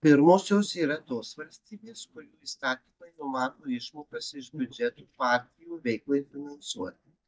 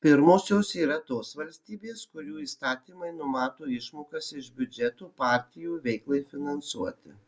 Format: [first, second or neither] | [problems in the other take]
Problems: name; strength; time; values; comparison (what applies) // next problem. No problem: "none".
second | noise reduction (neural mask model DeepFilterNet 3)